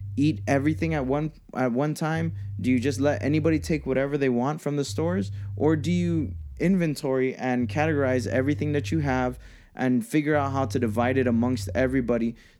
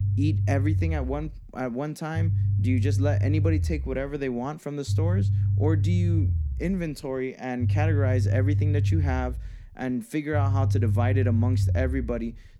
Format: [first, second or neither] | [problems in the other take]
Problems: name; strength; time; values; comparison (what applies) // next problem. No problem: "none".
first | low rumble; loud; throughout; 8 dB below the speech; faint in the first